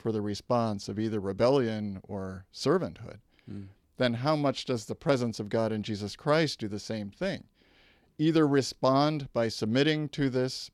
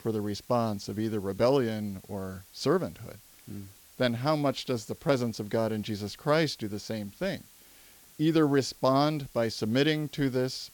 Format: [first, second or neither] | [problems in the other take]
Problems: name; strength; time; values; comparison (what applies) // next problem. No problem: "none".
first | hiss; faint; throughout; 25 dB below the speech